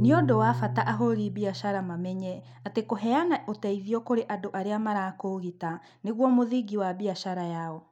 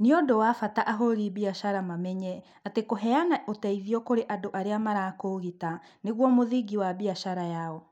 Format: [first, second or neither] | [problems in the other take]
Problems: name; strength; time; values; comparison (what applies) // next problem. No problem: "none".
second | background sound (Piano); 10 dB below the speech